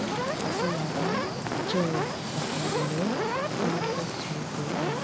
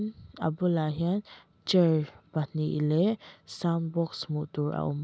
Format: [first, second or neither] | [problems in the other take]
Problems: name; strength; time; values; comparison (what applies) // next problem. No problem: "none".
second | background sound (Fire); 4 dB above the speech